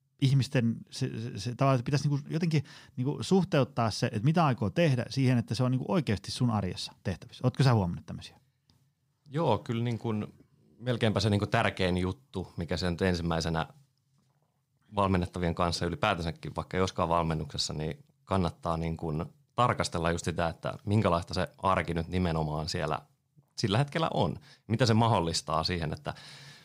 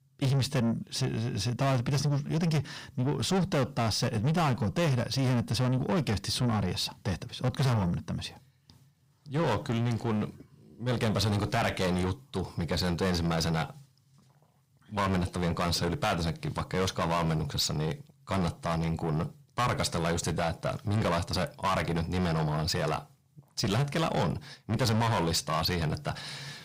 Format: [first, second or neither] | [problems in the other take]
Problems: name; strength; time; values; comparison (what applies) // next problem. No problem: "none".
first | distortion; heavy; 6 dB below the speech